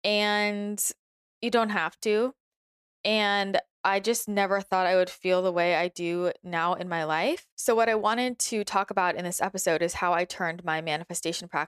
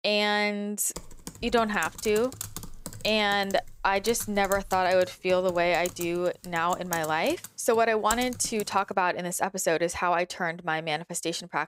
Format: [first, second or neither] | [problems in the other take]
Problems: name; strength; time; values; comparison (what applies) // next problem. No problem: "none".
first | keyboard typing; noticeable; from 1 to 8.5 s; peak 7 dB below the speech